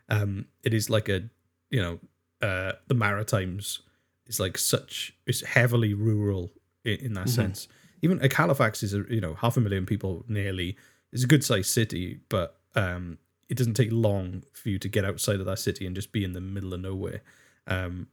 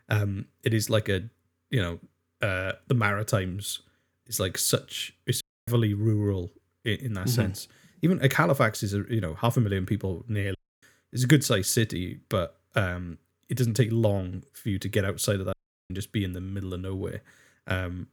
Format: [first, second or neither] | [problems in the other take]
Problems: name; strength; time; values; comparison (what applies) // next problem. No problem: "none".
first | audio cutting out; at 5.5 s, at 11 s and at 16 s